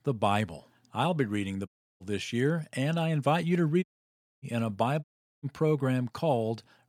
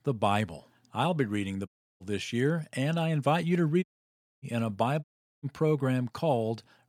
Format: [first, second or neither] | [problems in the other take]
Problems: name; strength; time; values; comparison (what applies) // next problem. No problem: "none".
neither | audio cutting out; at 1.5 s, at 4 s for 0.5 s and at 5 s; the same in both